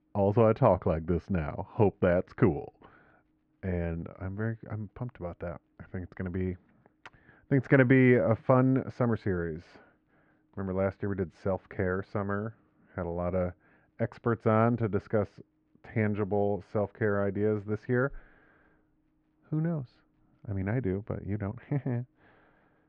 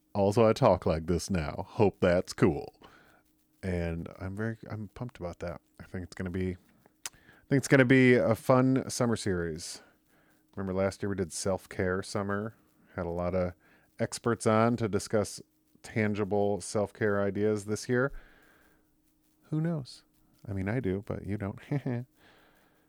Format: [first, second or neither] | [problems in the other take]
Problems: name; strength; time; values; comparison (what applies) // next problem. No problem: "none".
second | muffled; very; fading above 2 kHz